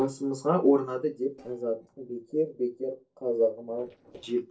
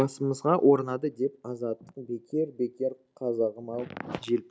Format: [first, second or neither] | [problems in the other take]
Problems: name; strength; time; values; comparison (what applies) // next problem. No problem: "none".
second | noise reduction (neural separator model SepFormer DNS4)